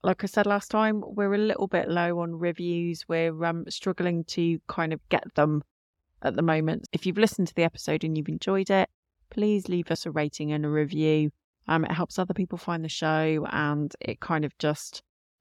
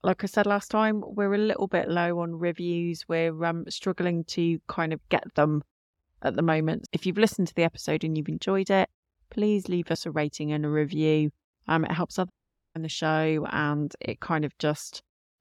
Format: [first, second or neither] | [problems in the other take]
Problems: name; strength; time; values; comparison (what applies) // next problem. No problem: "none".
first | audio cutting out; at 12 s